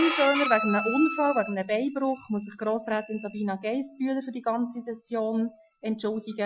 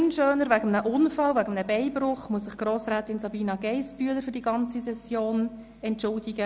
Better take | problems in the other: second | noise reduction (classical method Wiener filter)

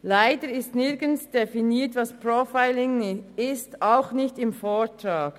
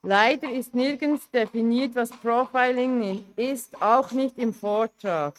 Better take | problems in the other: first | noise reduction (neural mask model RNNoise)

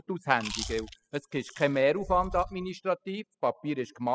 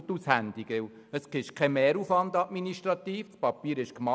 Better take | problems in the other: second | noise reduction (classical method spectral subtraction)

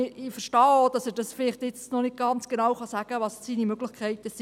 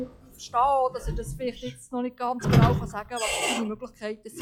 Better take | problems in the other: first | noise reduction (classical method log-MMSE)

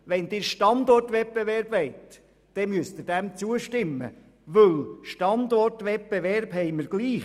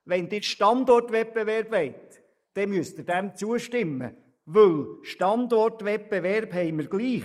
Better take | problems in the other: first | noise reduction (neural mask model Resemble Enhance denoiser)

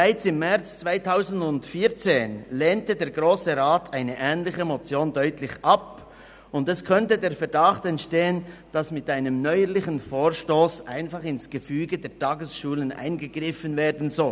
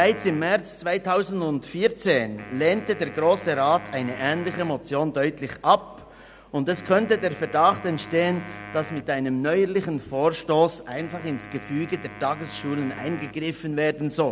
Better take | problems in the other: first | background sound (Wind instrument, woodwind instrument); 18 dB below the speech

